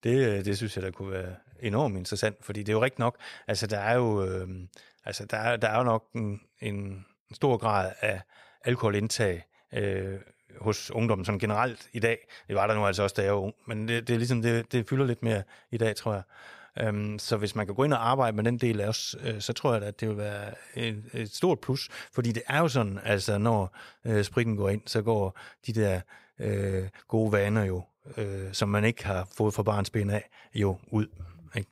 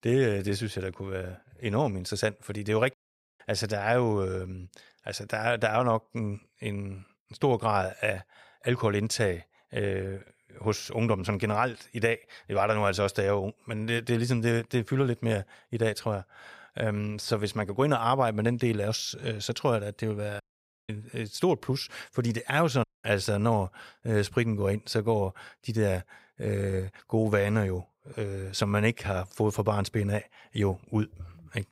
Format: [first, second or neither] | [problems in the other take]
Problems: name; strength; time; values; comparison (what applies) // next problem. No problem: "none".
first | audio cutting out; at 3 s, at 20 s and at 23 s